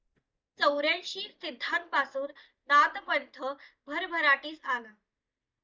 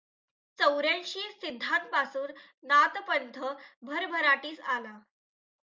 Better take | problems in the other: second | noise reduction (neural mask model DeepFilterNet 3)

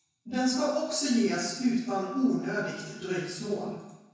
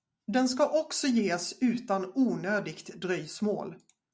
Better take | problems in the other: second | room echo; dies away in 1 s

